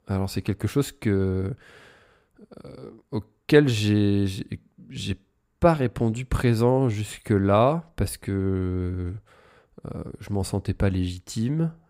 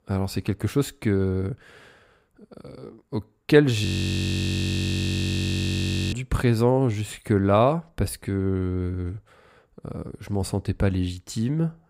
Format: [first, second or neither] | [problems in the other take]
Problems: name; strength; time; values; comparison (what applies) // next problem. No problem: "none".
first | audio freezing; at 4 s for 2.5 s